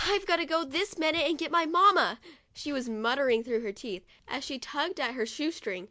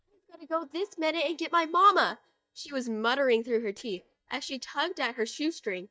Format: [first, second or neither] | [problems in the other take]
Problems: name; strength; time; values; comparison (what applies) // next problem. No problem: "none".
first | noise reduction (neural mask model DeepFilterNet 3)